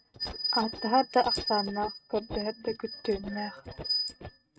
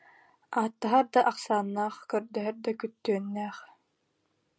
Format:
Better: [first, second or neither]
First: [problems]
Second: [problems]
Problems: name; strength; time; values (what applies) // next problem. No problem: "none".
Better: second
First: noise reduction (neural mask model RNNoise)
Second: none